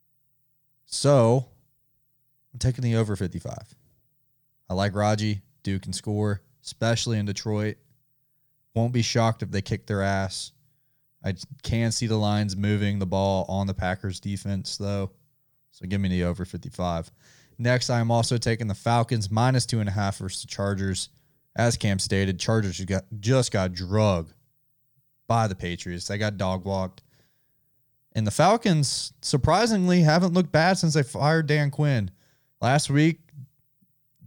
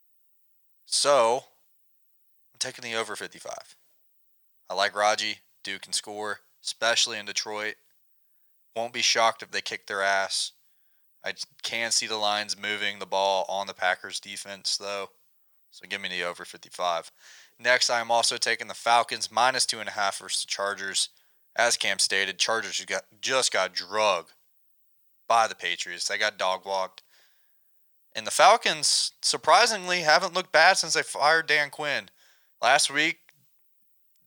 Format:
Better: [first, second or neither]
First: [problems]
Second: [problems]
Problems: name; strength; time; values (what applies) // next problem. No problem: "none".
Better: first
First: none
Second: thin; very; fading below 900 Hz